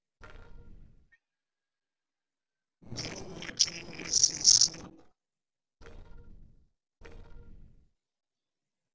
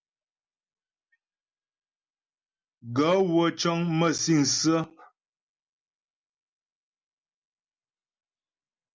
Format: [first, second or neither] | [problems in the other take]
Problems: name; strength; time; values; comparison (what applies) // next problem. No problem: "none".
second | noise reduction (neural separator model SepFormer DNS4)